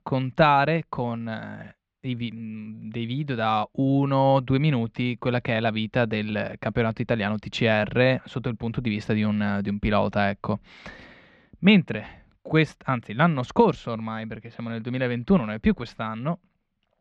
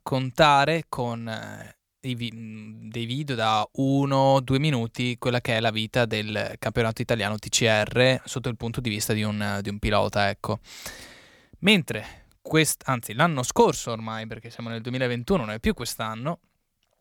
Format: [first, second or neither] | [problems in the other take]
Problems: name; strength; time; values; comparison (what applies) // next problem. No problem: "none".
second | muffled; slightly; fading above 3 kHz